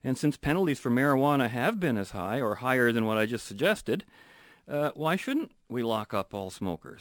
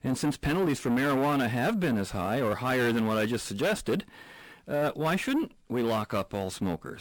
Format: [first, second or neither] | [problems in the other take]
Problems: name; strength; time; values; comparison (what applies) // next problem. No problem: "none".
first | distortion; heavy; 7 dB below the speech